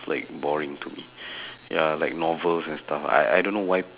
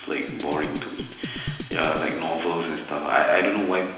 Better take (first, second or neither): first